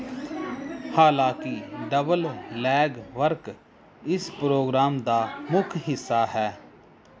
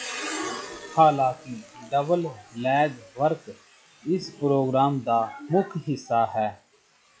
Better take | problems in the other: first | noise reduction (classical method log-MMSE)

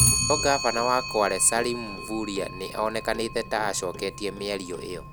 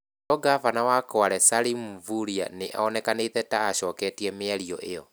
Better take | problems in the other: second | background sound (Clock); 3 dB below the speech

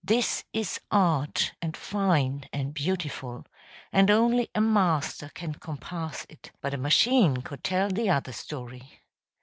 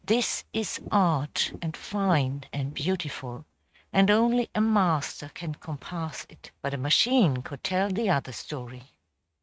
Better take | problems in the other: first | noise reduction (neural mask model RNNoise)

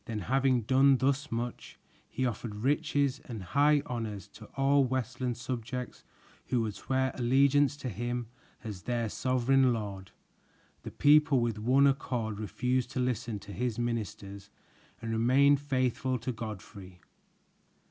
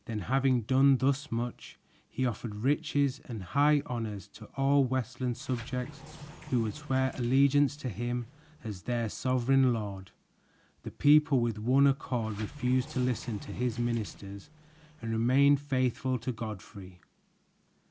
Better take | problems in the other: first | background sound (Sliding door); 18 dB below the speech

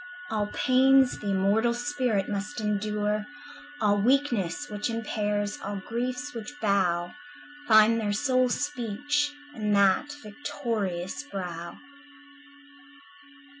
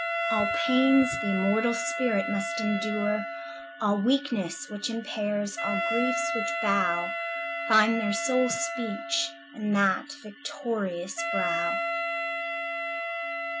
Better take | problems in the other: first | background sound (Wind instrument, woodwind instrument); 3 dB below the speech

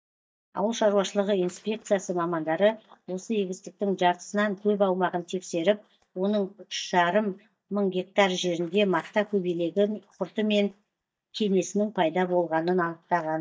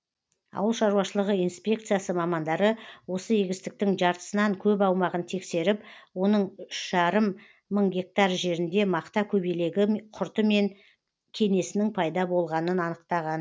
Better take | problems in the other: second | noise reduction (neural mask model DeepFilterNet 3)

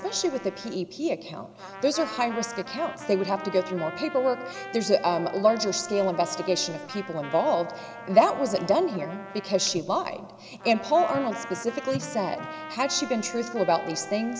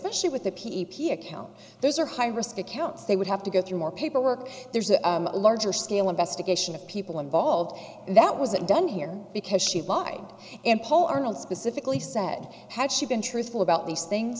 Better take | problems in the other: second | background sound (Trumpet); 14 dB below the speech

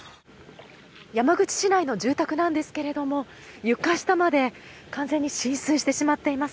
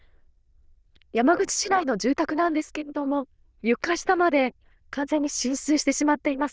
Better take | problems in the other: first | noise reduction (neural diffusion model UNIVERSE++)

